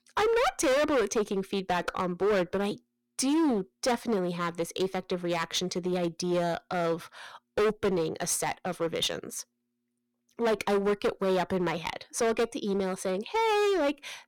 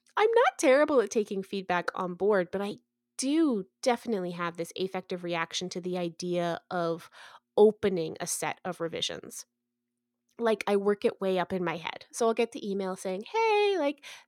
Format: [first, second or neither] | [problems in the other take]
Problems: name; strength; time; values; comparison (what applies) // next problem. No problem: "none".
second | distortion; heavy; 13% of the sound clipped